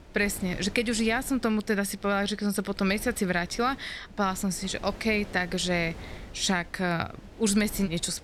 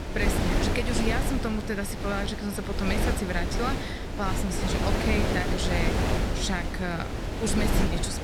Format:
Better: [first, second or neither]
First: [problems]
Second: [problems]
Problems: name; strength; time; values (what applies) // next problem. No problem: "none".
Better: first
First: wind noise on the microphone; occasional gusts; 20 dB below the speech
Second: wind noise on the microphone; heavy; as loud as the speech